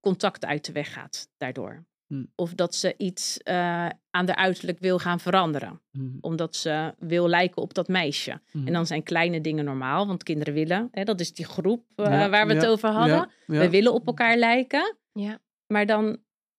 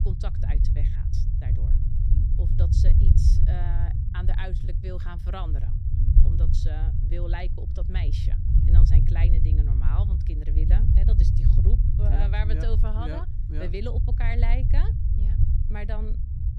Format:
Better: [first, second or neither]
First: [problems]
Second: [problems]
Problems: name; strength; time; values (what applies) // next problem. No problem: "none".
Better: first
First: none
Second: low rumble; loud; throughout; 1 dB below the speech